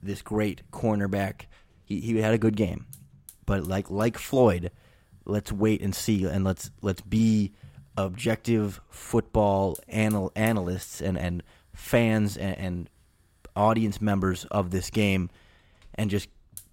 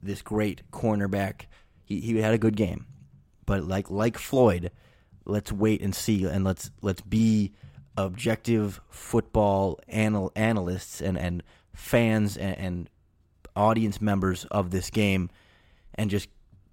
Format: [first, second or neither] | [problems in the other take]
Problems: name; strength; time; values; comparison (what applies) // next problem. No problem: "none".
second | hiss; faint; throughout; 20 dB below the speech